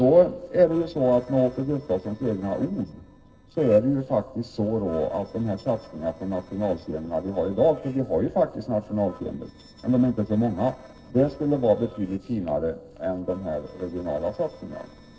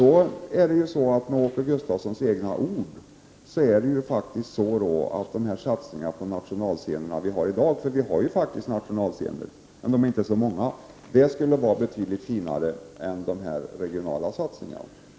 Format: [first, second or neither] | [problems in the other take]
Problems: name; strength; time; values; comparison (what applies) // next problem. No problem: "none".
second | noise reduction (neural separator model SepFormer DNS4)